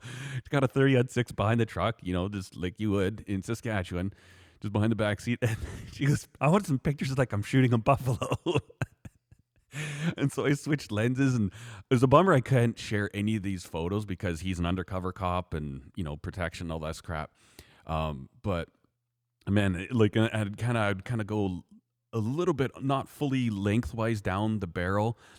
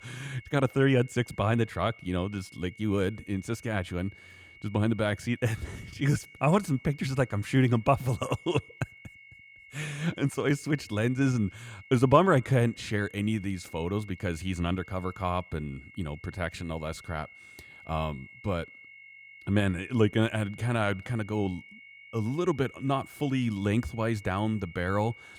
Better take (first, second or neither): first